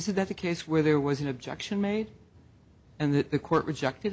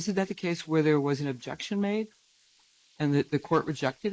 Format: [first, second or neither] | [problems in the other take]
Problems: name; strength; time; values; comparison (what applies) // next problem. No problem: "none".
first | noise reduction (neural mask model Resemble Enhance denoiser)